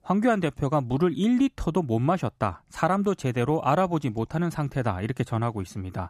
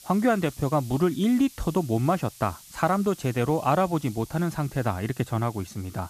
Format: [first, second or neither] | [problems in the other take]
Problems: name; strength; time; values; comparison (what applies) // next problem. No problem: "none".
first | hiss; noticeable; throughout; 20 dB below the speech